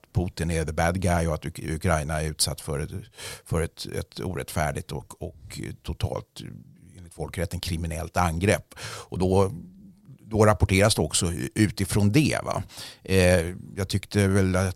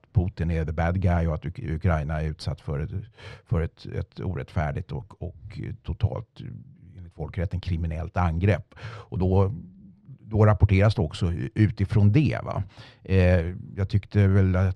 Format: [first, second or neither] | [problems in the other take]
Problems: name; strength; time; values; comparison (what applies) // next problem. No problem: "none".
first | muffled; slightly; fading above 3 kHz